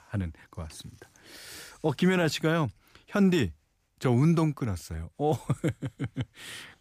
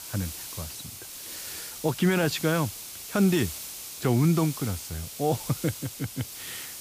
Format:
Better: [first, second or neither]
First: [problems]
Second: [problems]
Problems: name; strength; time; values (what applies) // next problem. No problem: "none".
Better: first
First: none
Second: hiss; loud; throughout; 9 dB below the speech